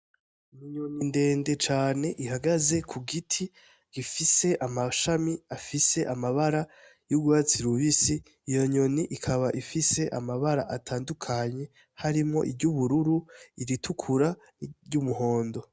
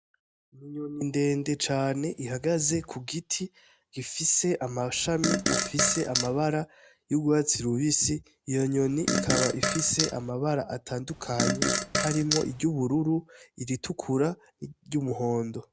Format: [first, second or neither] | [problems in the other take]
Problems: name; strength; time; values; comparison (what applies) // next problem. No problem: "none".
first | background sound (Fart); as loud as the speech